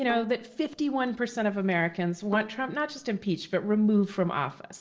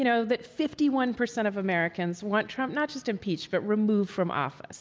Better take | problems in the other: second | noise reduction (neural separator model SepFormer DNS4)

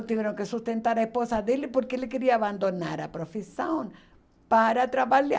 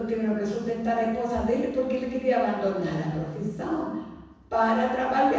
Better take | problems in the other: first | room echo; dies away in 1.1 s

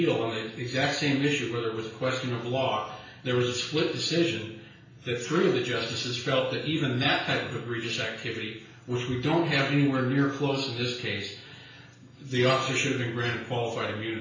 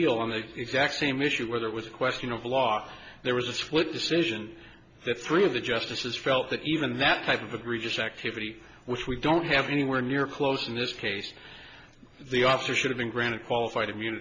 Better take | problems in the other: second | room echo; dies away in 0.5 s

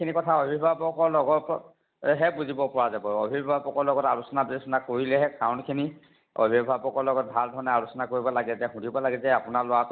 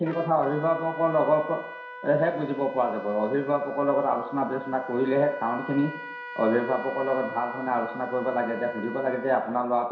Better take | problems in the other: first | background sound (Trumpet); 14 dB below the speech // room echo; dies away in 0.7 s

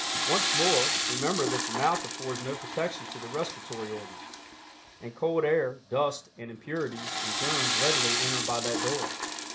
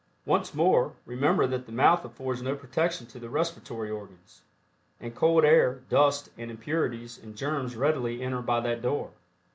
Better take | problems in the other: second | background sound (Toilet flush / Water); as loud as the speech

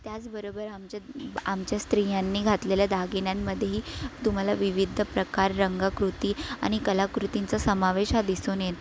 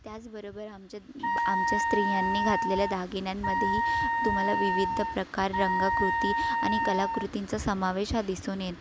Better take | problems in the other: first | background sound (Wind instrument, woodwind instrument); 3 dB above the speech

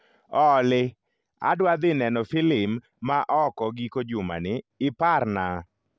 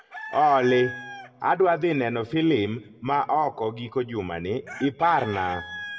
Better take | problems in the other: first | background sound (Chicken, rooster); 16 dB below the speech // room echo; dies away in 0.9 s

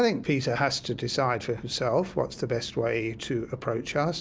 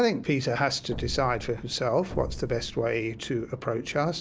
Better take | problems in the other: first | background sound (Explosion); 10 dB below the speech

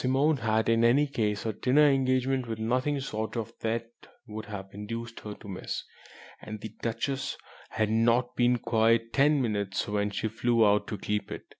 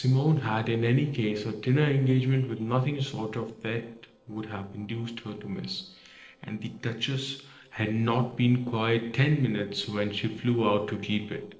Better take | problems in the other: first | noise reduction (neural separator model SepFormer DNS4)

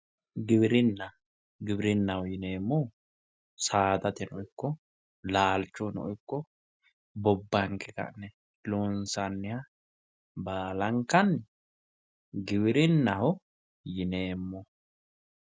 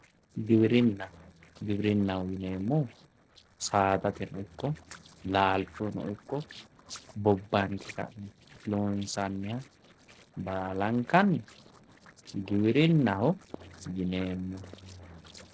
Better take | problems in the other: first | noise reduction (neural separator model SepFormer DNS4)

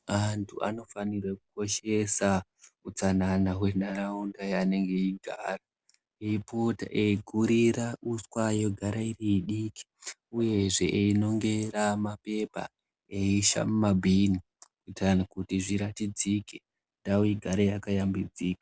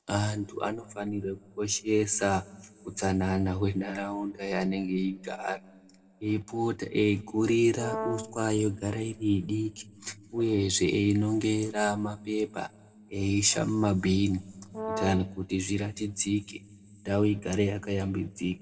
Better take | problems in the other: first | background sound (Brass instrument); 7 dB below the speech // room echo; dies away in 1.3 s

